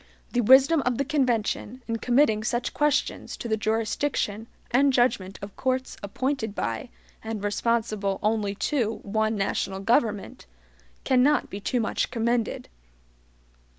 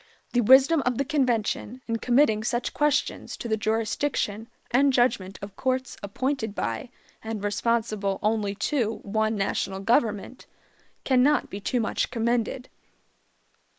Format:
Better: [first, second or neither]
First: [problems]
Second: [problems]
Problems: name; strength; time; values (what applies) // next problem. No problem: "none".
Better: first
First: none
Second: noise reduction (neural mask model Resemble Enhance denoiser)